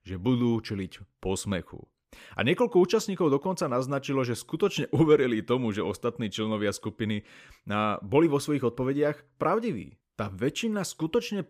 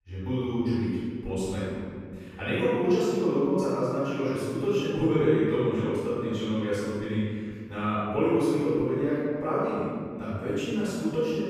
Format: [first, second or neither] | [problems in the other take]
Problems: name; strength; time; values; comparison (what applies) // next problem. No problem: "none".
first | room echo; strong; dies away in 2.1 s // off-mic speech; far